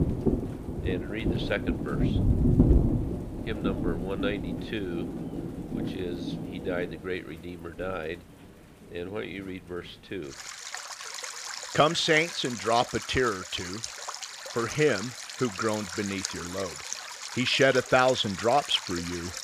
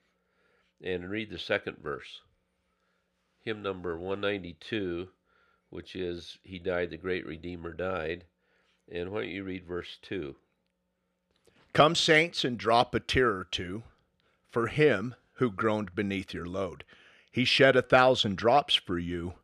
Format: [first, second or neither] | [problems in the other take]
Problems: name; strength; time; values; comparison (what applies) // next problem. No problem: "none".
second | rain or running water; loud; throughout; 3 dB below the speech